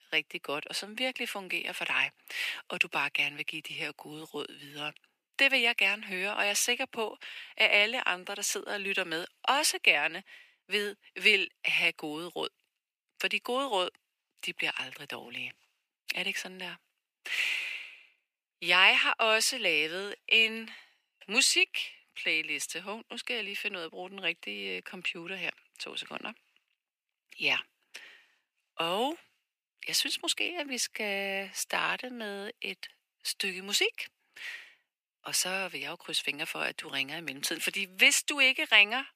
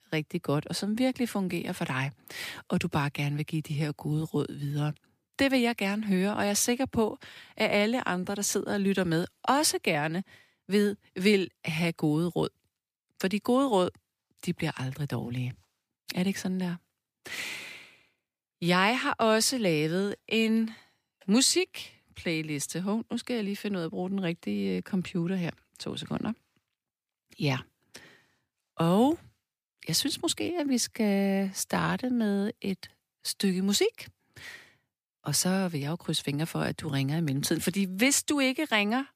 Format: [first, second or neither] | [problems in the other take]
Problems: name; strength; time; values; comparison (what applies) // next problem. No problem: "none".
second | thin; very; fading below 500 Hz